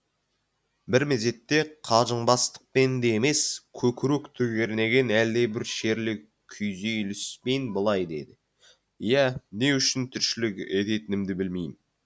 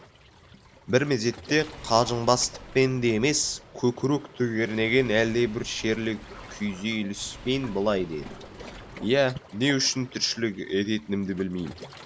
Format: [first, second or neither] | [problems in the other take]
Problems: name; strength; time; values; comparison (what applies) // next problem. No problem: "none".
first | background sound (Engine / Car + Waves, surf); 18 dB below the speech